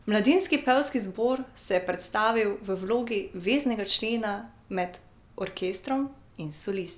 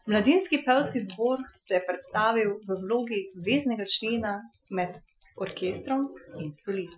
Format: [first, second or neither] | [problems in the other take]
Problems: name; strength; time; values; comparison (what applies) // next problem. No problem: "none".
first | noise reduction (classical method Wiener filter)